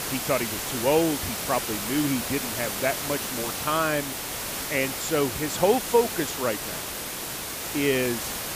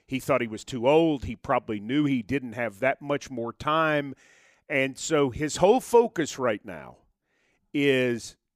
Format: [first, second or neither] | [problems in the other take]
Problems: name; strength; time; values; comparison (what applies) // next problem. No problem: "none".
second | hiss; loud; throughout; 3 dB below the speech